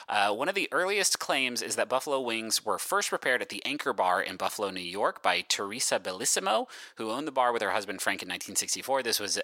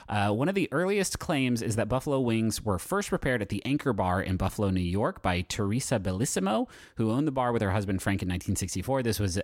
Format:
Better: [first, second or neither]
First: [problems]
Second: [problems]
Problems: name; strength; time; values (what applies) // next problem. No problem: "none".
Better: second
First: thin; very; fading below 600 Hz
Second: none